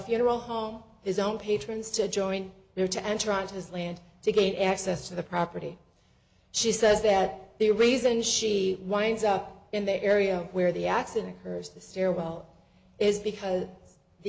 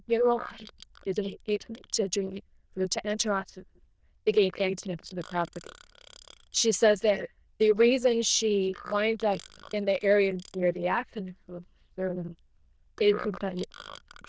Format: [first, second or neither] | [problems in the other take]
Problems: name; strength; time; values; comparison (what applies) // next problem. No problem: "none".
first | noise reduction (neural diffusion model UNIVERSE++)